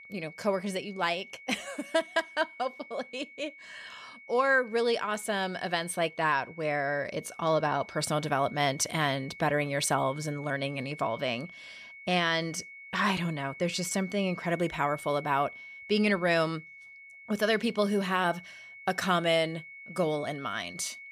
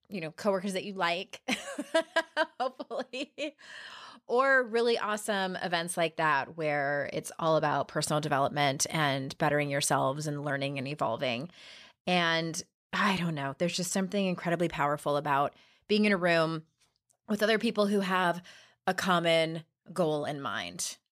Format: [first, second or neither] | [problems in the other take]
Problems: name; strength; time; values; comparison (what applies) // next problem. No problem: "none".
second | high-pitched whine; noticeable; throughout; 2 kHz, 15 dB below the speech